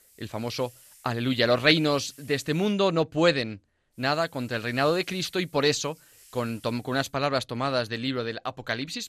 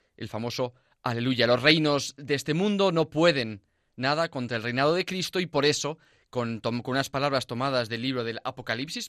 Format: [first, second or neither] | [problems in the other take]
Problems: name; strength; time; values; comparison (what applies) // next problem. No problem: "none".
second | hiss; faint; until 2.5 s and from 4 to 7 s; 25 dB below the speech